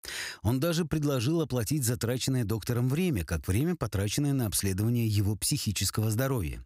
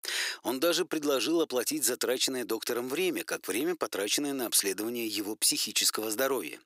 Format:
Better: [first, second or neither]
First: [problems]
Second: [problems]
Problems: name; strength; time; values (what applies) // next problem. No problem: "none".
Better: first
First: none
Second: thin; very; fading below 350 Hz